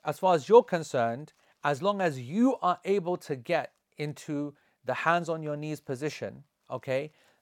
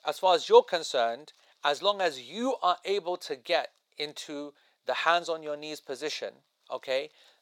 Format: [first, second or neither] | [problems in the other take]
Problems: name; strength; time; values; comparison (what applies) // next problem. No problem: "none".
first | thin; somewhat; fading below 500 Hz